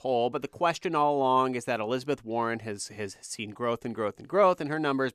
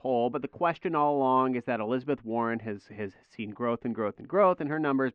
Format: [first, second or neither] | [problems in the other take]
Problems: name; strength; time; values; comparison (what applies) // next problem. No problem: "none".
first | muffled; very; fading above 2.5 kHz